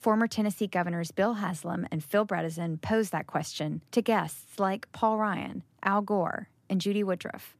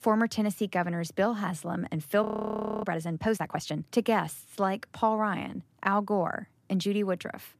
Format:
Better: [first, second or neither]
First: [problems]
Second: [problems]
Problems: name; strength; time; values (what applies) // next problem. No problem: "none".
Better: first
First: none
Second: audio freezing; at 2 s for 0.5 s